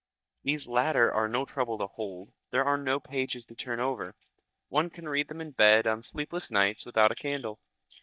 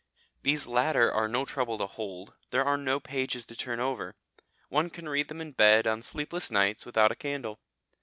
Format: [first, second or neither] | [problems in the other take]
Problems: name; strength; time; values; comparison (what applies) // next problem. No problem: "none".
second | noise reduction (neural mask model DeepFilterNet 3)